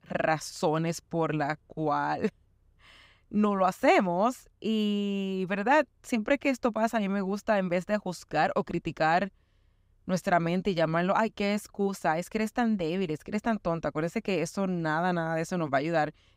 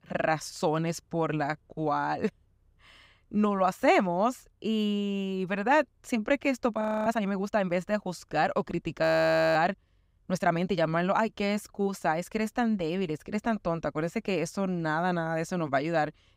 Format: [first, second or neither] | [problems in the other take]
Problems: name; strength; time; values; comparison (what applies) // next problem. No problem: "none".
first | audio freezing; at 7 s and at 9 s for 0.5 s